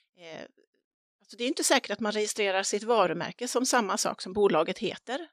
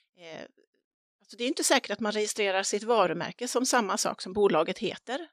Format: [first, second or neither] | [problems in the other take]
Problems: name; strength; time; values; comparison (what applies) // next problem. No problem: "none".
neither | none